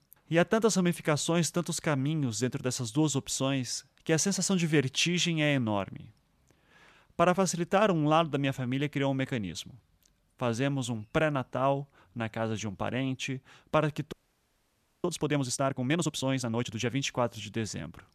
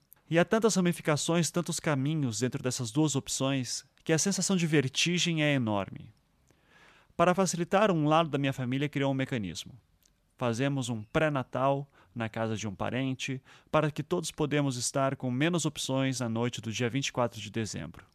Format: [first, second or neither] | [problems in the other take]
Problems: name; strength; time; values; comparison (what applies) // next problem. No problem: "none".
second | audio freezing; at 14 s for 1 s